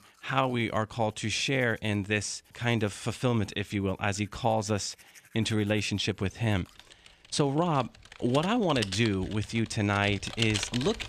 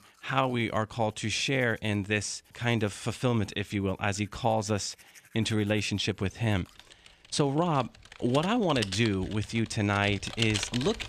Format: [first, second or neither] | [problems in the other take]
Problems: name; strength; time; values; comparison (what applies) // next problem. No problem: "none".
neither | household noises; loud; throughout; 10 dB below the speech; the same in both